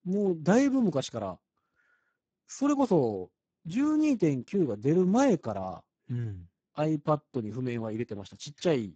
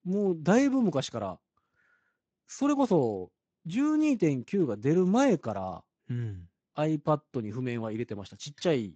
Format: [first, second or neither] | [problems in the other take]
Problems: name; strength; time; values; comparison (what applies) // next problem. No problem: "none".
second | garbled, watery; badly; nothing above 7.5 kHz; slightly in the second